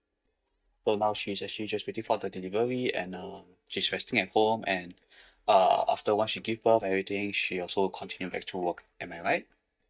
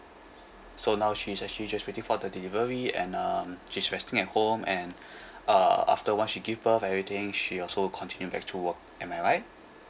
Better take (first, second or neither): second